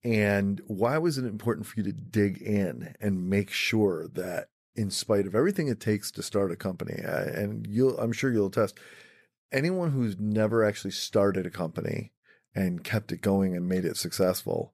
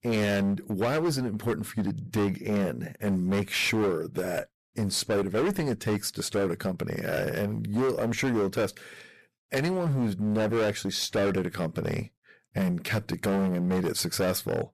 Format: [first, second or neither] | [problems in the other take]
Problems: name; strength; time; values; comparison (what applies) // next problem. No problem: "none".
first | distortion; heavy; 17% of the sound clipped